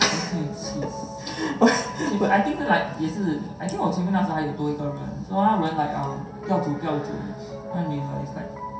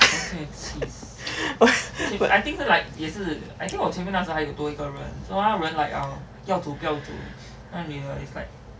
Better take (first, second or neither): second